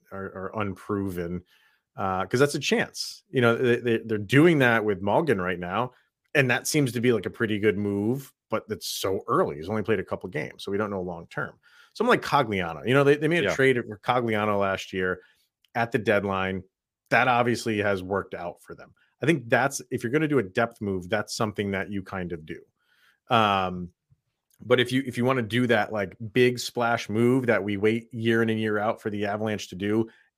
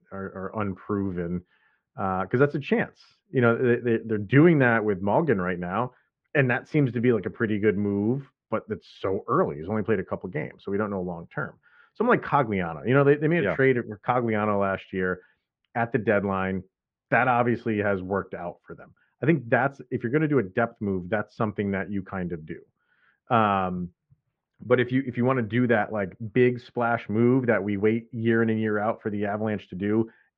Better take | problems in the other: first | muffled; very; fading above 2 kHz

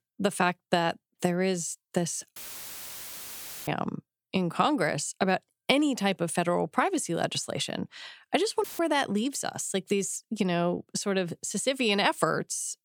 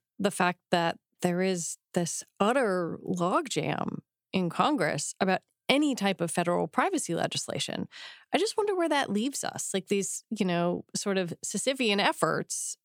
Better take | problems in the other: second | audio cutting out; filled with static; at 2.5 s for 1.5 s and at 8.5 s

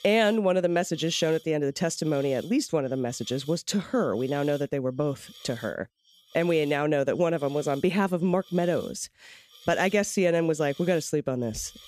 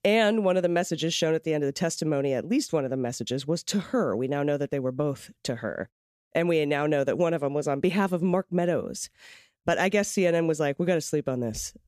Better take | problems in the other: second | hiss; faint; throughout; 25 dB below the speech

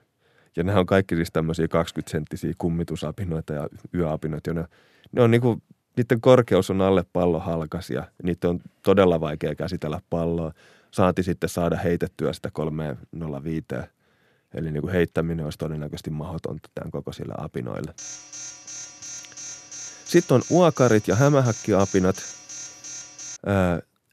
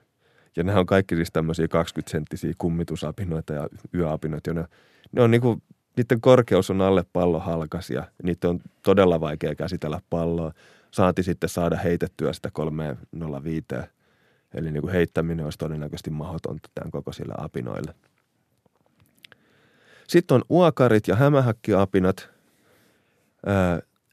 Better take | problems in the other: second | alarm; faint; from 18 to 23 s; peak 10 dB below the speech

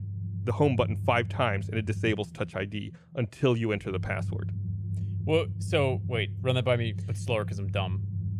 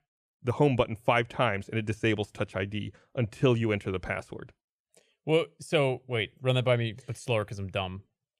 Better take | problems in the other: second | low rumble; noticeable; throughout; 15 dB below the speech

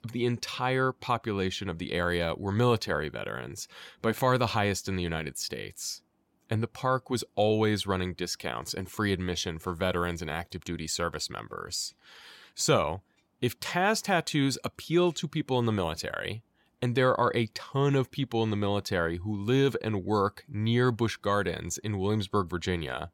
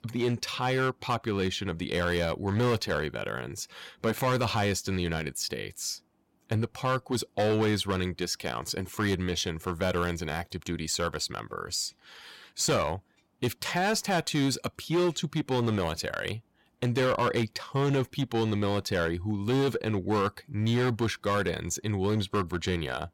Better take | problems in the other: first | distortion; slight; 8% of the sound clipped

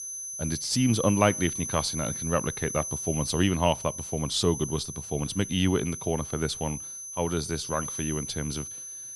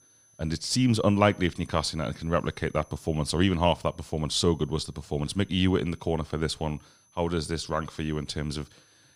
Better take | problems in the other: second | high-pitched whine; loud; throughout; 6 kHz, 6 dB below the speech; faint in the second

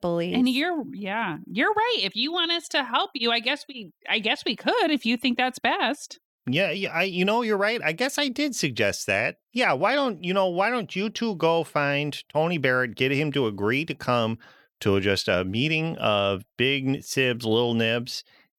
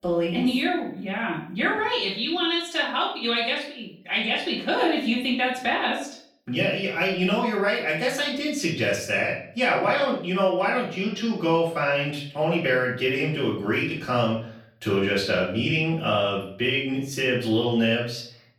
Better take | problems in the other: first | off-mic speech; far // room echo; noticeable; dies away in 0.5 s

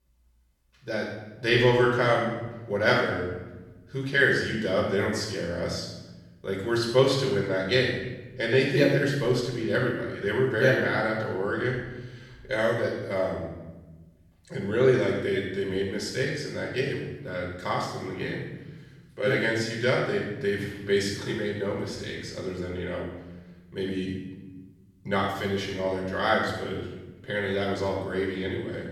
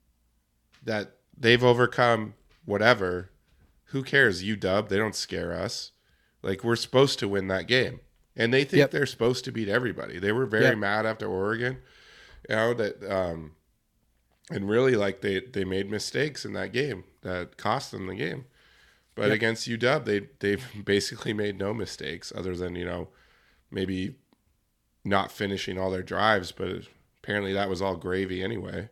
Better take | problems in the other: second | off-mic speech; far // room echo; noticeable; dies away in 1 s

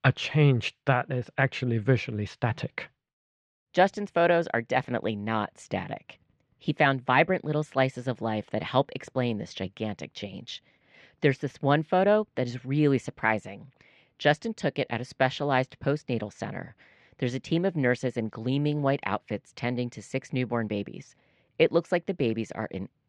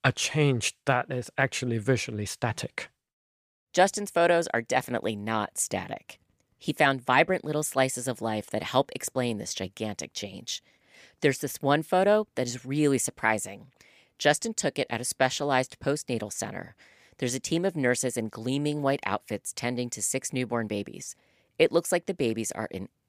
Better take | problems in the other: second | muffled; slightly; fading above 3.5 kHz

